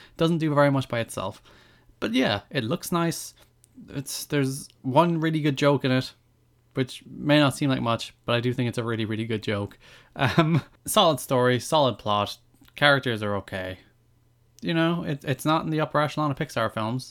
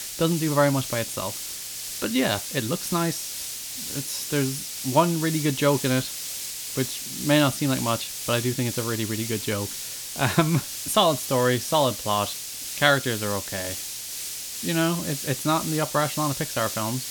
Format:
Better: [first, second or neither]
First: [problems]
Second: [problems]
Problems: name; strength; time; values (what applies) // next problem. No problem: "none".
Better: first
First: none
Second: hiss; loud; throughout; 6 dB below the speech